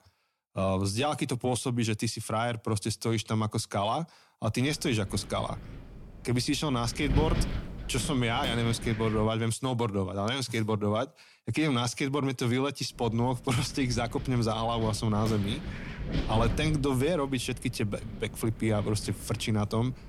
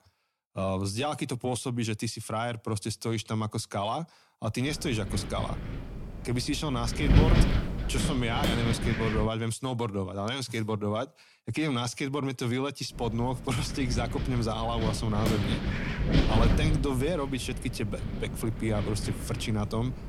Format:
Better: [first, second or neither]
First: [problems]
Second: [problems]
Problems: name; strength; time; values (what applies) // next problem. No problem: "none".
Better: first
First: wind noise on the microphone; occasional gusts; from 4.5 to 9 s and from 13 s on; 10 dB below the speech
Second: wind noise on the microphone; heavy; from 4.5 to 9 s and from 13 s on; 3 dB below the speech